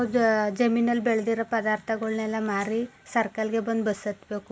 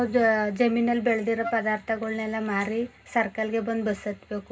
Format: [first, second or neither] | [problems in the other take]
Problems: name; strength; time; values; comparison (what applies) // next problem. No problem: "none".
first | background sound (Wind instrument, woodwind instrument); 13 dB below the speech // room echo; dies away in 0.2 s